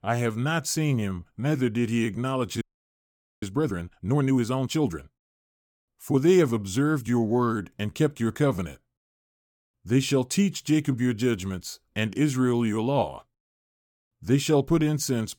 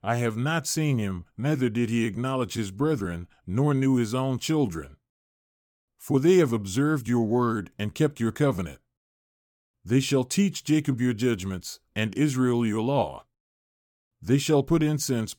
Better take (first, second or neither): second